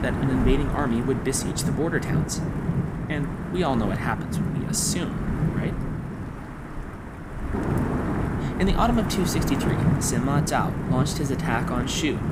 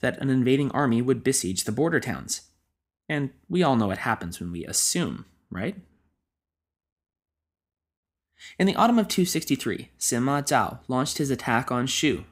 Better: second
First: wind noise on the microphone; heavy; 4 dB below the speech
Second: none

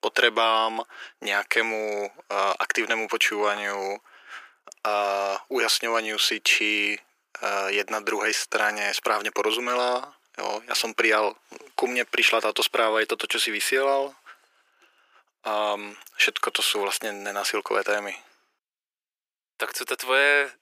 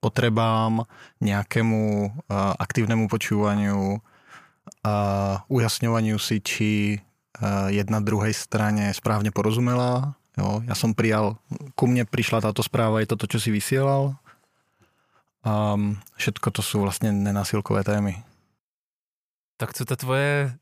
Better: second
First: thin; very; fading below 350 Hz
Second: none

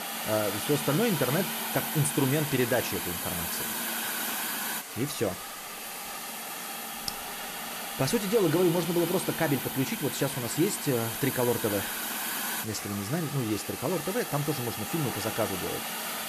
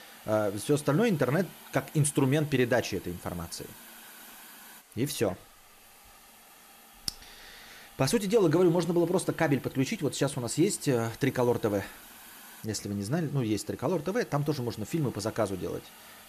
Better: second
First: hiss; loud; throughout; 3 dB below the speech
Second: hiss; faint; throughout; 20 dB below the speech

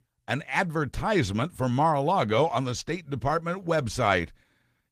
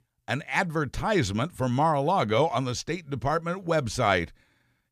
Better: second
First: garbled, watery; slightly; nothing above 15 kHz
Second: none

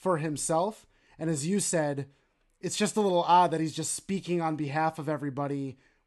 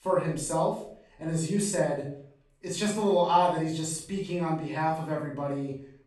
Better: first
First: none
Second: off-mic speech; far // room echo; noticeable; dies away in 0.4 s

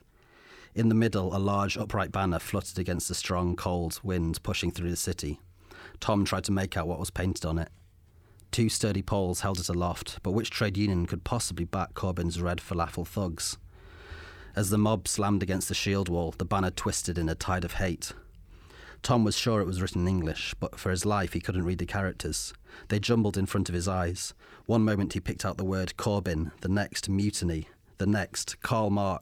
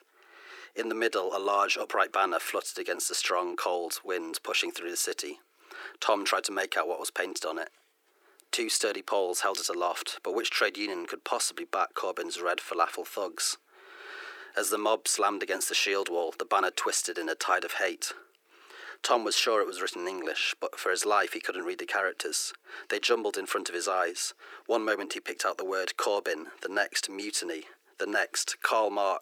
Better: first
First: none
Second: thin; very; fading below 350 Hz

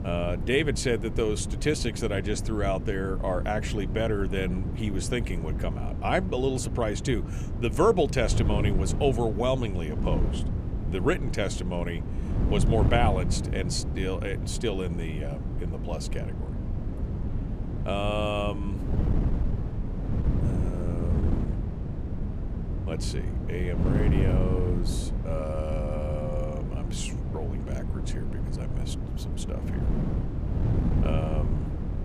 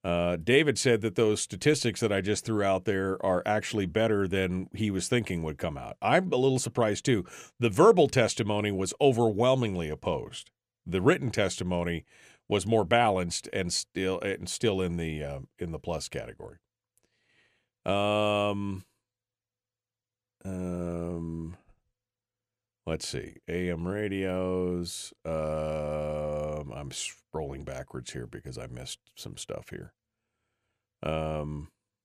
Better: second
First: wind noise on the microphone; heavy; 9 dB below the speech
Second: none

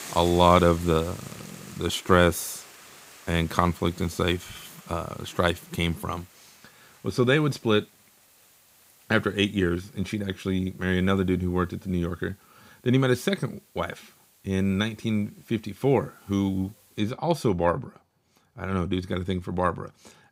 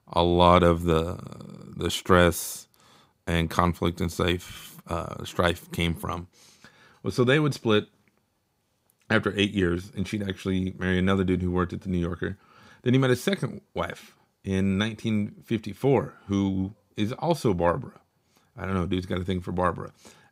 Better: second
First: hiss; faint; until 17 s; 20 dB below the speech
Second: none

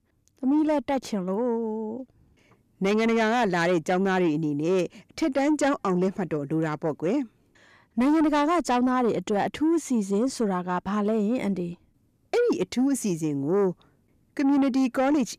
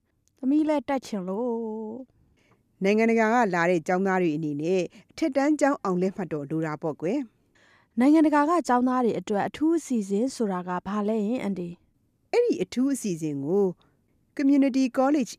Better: second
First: distortion; slight; 10 dB below the speech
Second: none

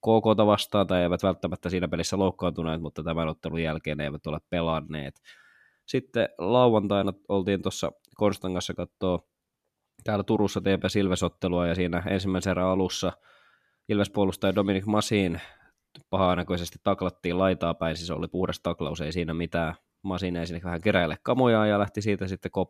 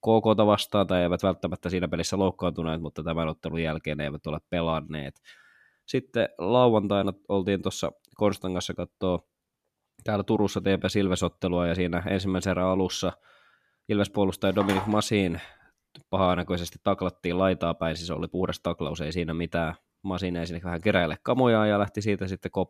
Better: first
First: none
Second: phone ringing; noticeable; at 15 s; peak 5 dB below the speech

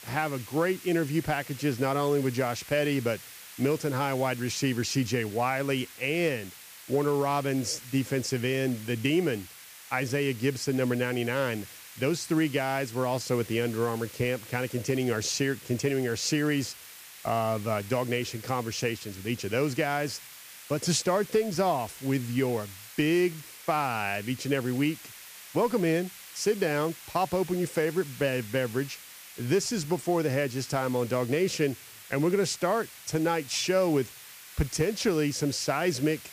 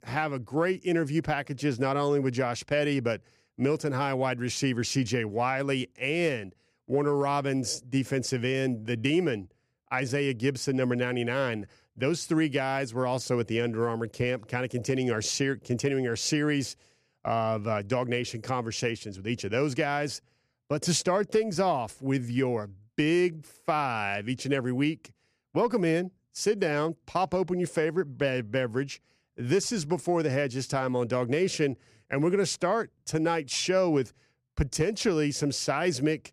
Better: second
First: hiss; noticeable; throughout; 15 dB below the speech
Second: none

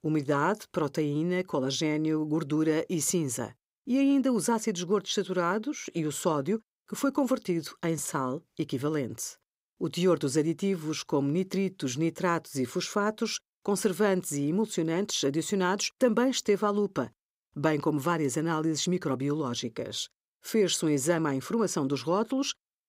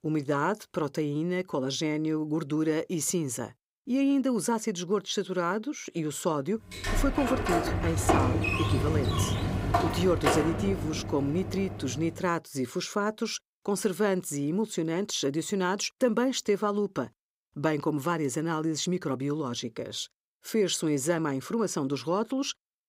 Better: first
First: none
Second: door banging; loud; from 7 to 12 s; peak 5 dB above the speech

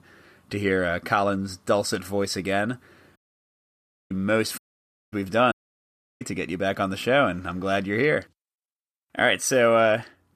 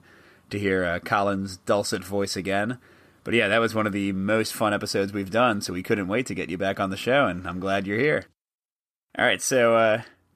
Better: second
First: audio cutting out; at 3 s for 1 s, at 4.5 s for 0.5 s and at 5.5 s for 0.5 s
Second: none

